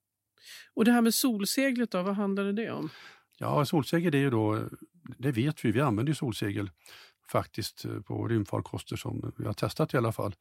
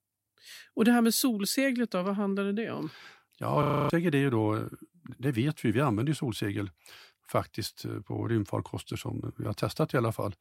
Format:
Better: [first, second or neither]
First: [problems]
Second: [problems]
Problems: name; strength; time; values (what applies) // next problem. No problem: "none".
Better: first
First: none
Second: audio freezing; at 3.5 s